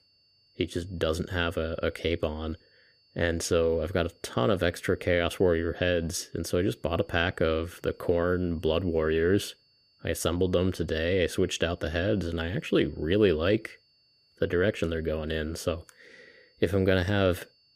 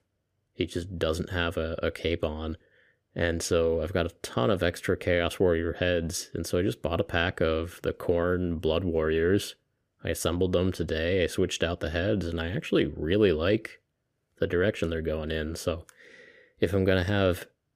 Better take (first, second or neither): second